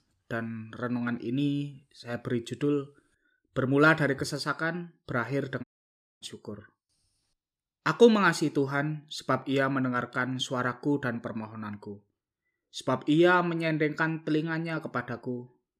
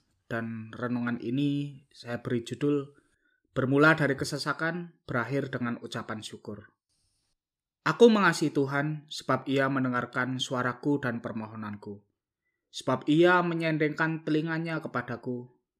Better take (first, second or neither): second